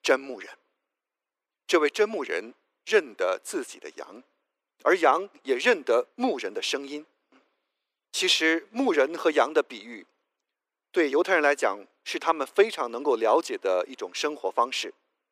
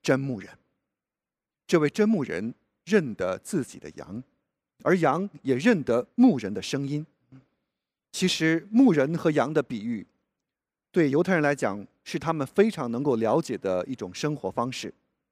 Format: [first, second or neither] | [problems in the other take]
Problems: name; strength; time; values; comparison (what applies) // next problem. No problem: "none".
second | thin; very; fading below 350 Hz